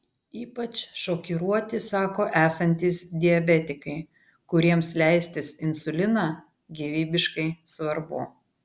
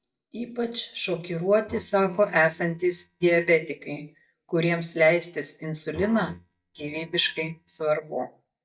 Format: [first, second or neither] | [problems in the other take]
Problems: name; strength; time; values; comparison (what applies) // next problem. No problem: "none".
first | noise reduction (neural mask model DeepFilterNet 3)